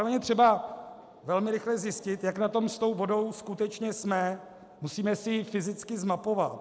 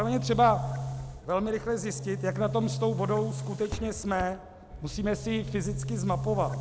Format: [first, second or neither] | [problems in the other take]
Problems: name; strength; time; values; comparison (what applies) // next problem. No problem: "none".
first | background sound (Boom); 5 dB below the speech